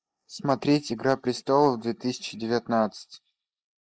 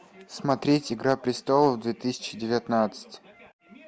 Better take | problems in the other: second | noise reduction (neural mask model Resemble Enhance denoiser)

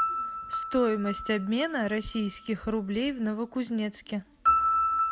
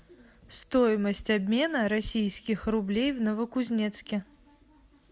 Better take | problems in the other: second | background sound (Piano); 1 dB below the speech

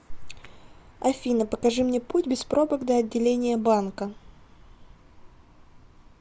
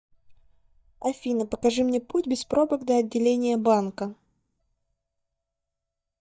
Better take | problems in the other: first | noise reduction (neural mask model DeepFilterNet 3)

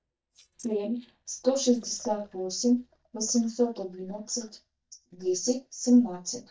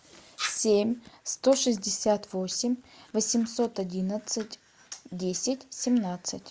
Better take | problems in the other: second | noise reduction (neural mask model DeepFilterNet 3)

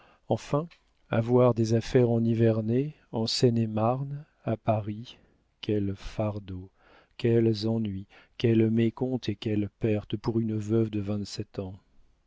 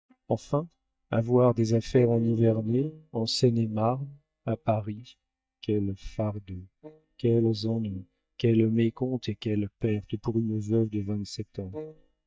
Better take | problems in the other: first | noise reduction (neural mask model DeepFilterNet 3)

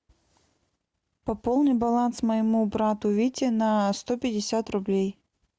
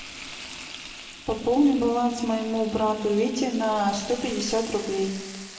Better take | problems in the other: first | background sound (Frying (food)); 15 dB below the speech // room echo; dies away in 1.1 s

